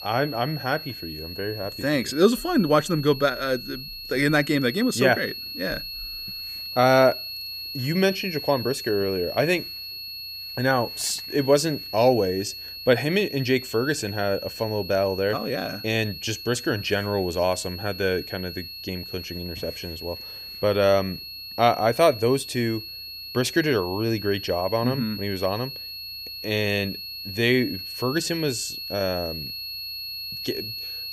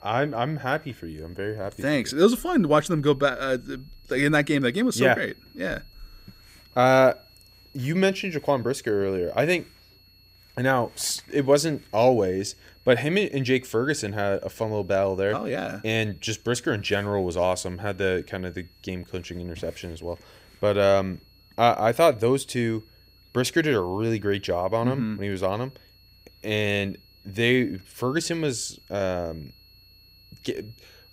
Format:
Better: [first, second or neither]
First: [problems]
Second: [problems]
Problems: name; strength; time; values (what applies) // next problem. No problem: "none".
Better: second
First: high-pitched whine; loud; throughout; 4.5 kHz, 9 dB below the speech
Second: high-pitched whine; faint; throughout; 4.5 kHz, 30 dB below the speech